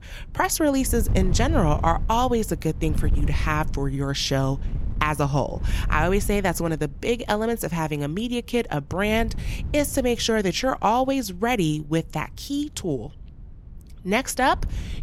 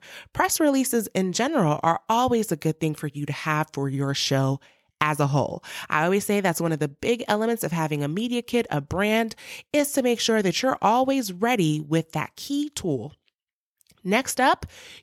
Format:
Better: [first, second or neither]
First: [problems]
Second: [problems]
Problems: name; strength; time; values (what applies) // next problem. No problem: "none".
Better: second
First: wind noise on the microphone; occasional gusts; 20 dB below the speech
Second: none